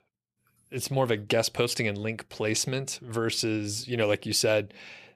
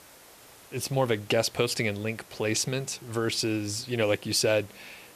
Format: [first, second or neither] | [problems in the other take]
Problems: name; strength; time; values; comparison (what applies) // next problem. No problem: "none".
first | hiss; faint; throughout; 25 dB below the speech